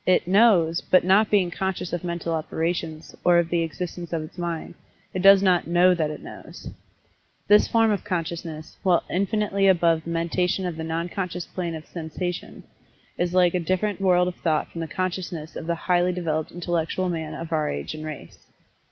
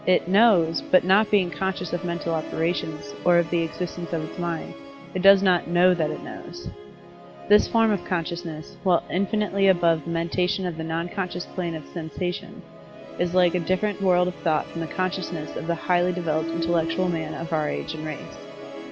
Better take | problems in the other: first | background sound (Musical instrument); 12 dB below the speech

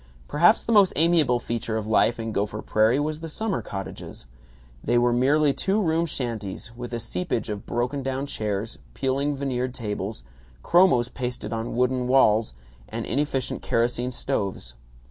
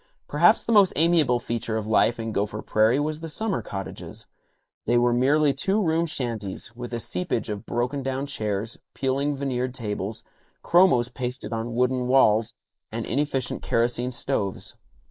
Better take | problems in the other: first | noise reduction (neural mask model Resemble Enhance denoiser)

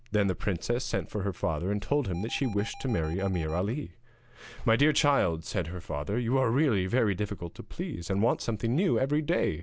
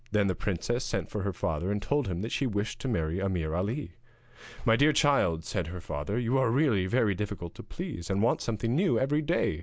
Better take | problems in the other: second | background sound (Alarm); 19 dB below the speech

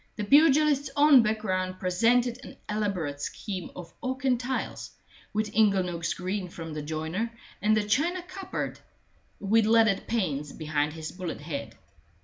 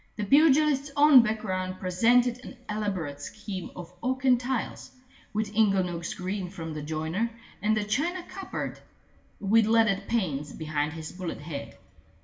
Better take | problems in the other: first | room echo; dies away in 0.8 s

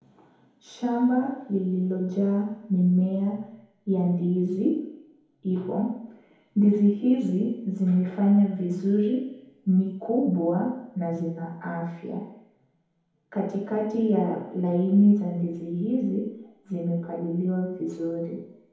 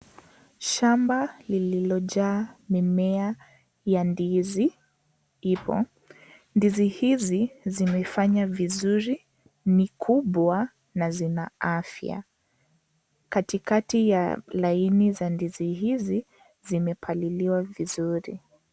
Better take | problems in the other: second | room echo; dies away in 1.9 s

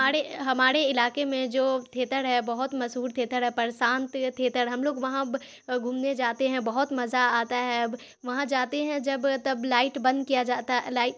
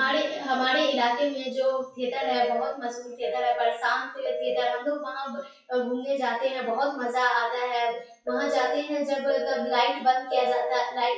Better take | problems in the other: first | noise reduction (classical method WPE with log-MMSE)

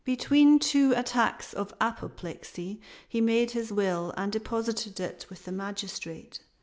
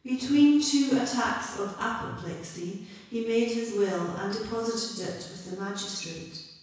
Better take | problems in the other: first | room echo; dies away in 1.1 s

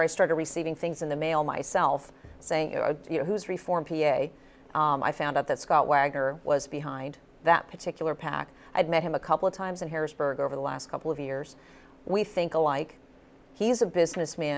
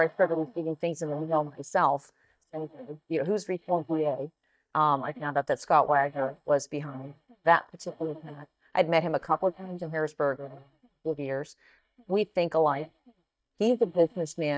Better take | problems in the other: first | noise reduction (neural mask model DeepFilterNet 3)

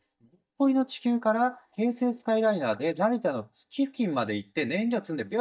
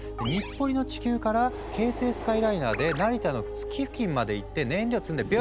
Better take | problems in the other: second | noise reduction (neural mask model DeepFilterNet 3)

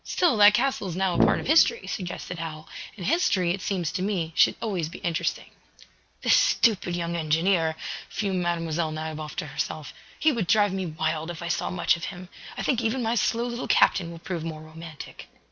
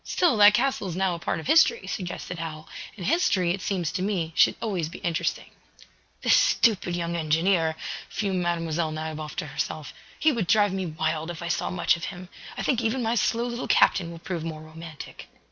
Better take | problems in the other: second | background sound (Brass instrument); 1 dB above the speech

